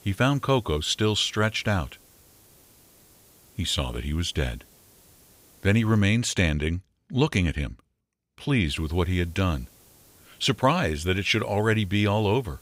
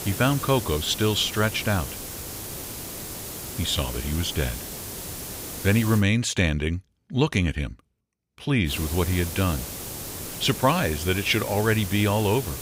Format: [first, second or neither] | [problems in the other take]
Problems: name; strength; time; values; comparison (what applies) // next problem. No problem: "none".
first | hiss; loud; until 6 s and from 8.5 s on; 9 dB below the speech; faint in the first